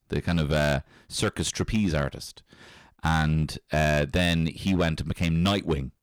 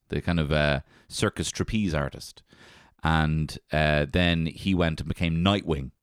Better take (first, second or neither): second